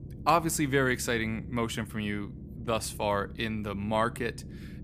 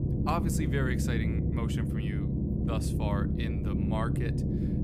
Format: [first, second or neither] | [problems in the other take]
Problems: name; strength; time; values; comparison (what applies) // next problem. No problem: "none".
first | low rumble; loud; throughout; 2 dB below the speech; faint in the first